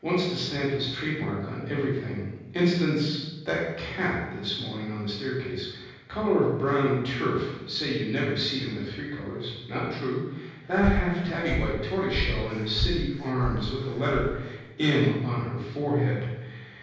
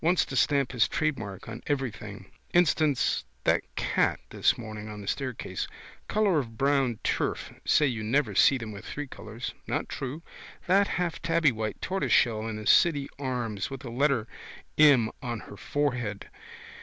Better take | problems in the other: second | background sound (Breathing); 4 dB below the speech // room echo; dies away in 1.3 s

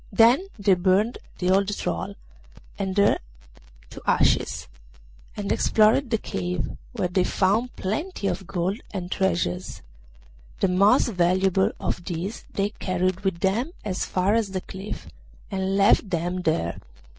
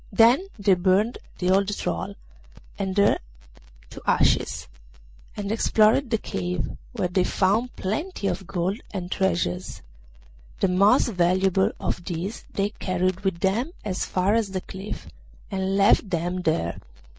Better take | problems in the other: second | background sound (Thump, thud); 10 dB below the speech

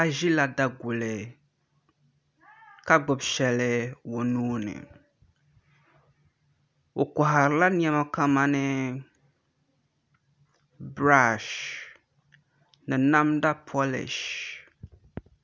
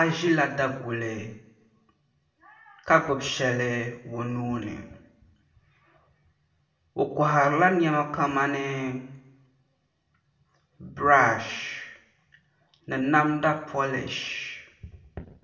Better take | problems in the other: first | room echo; dies away in 0.6 s

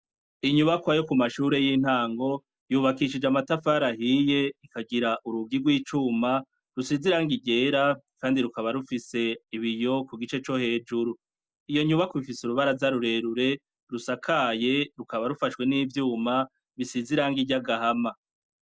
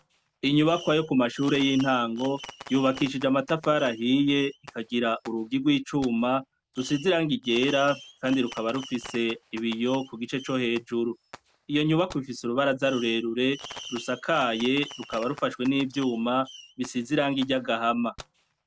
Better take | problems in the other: first | background sound (Fireworks); 19 dB below the speech

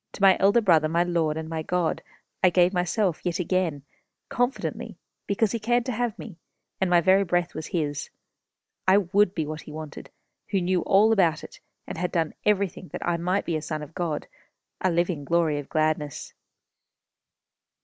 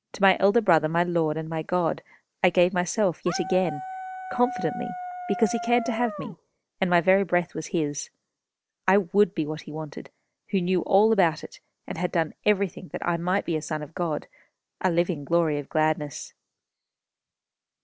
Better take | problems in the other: first | background sound (Dog); 8 dB below the speech

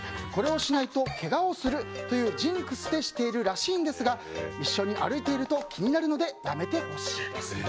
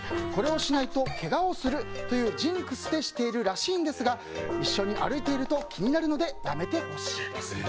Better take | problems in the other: first | background sound (Gong); 7 dB below the speech

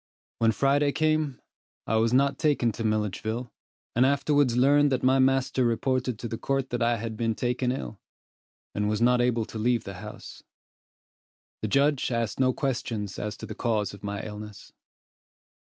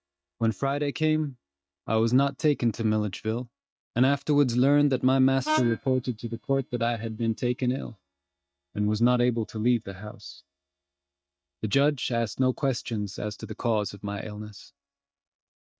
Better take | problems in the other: first | noise reduction (neural mask model DeepFilterNet 3)

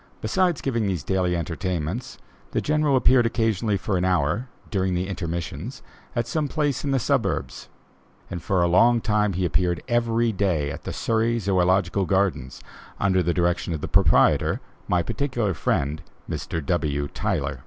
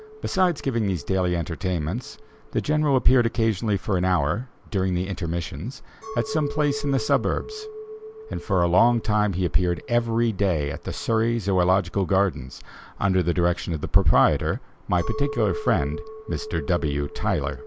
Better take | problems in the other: first | background sound (Chink, clink); 17 dB below the speech

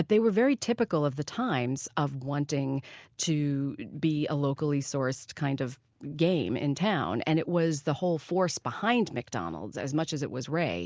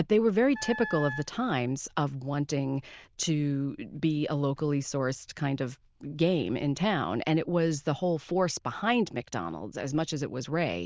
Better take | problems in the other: first | noise reduction (neural diffusion model UNIVERSE++)

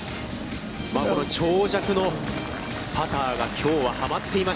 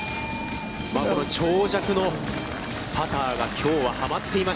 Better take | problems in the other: first | background sound (Bell / Doorbell + Cheering); 14 dB below the speech

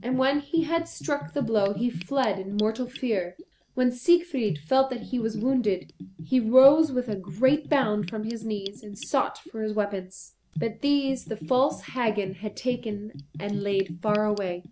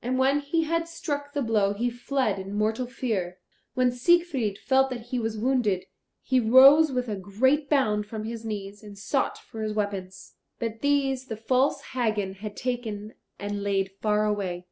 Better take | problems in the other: second | background sound (Bathtub (filling or washing) / Gurgling); 15 dB below the speech

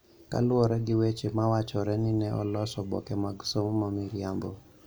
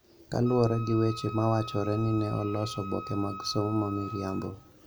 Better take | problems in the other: first | background sound (Wind instrument, woodwind instrument); 13 dB below the speech

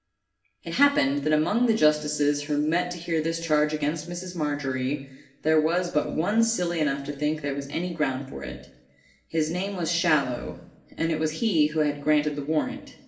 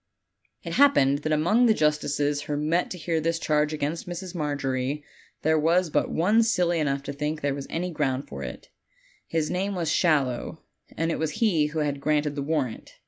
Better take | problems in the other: second | room echo; dies away in 0.6 s

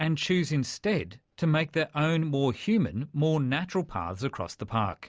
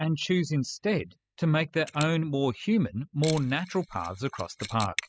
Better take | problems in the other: first | noise reduction (classical method spectral subtraction)

